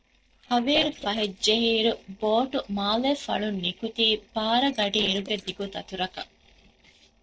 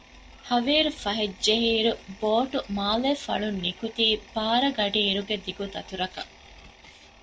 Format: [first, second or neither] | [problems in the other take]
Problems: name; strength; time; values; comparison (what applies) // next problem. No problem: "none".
second | noise reduction (neural separator model SepFormer DNS4)